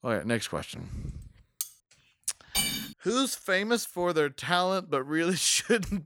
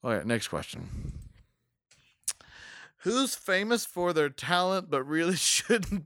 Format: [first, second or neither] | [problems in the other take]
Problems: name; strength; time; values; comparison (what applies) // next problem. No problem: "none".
second | clattering dishes; noticeable; at 1.5 s; peak 9 dB below the speech // clattering dishes; loud; at 2.5 s; peak 1 dB above the speech